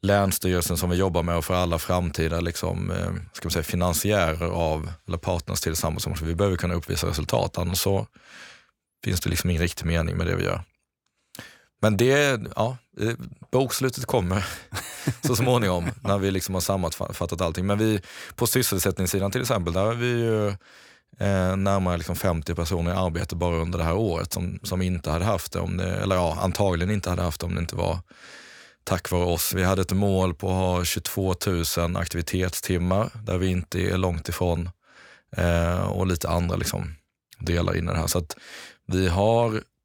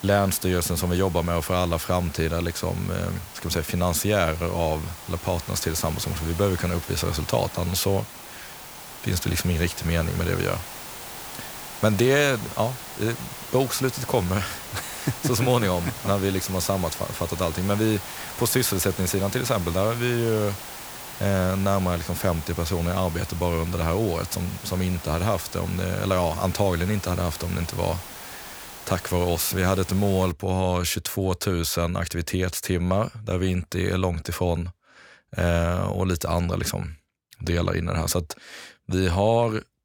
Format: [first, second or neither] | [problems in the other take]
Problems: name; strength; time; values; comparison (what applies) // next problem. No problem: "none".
first | hiss; noticeable; until 30 s; 10 dB below the speech